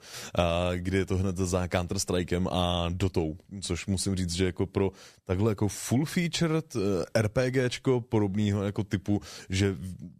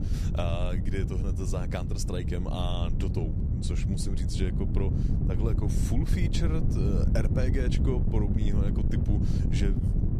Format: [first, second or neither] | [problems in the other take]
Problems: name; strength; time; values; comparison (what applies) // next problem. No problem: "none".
first | wind noise on the microphone; heavy; 3 dB below the speech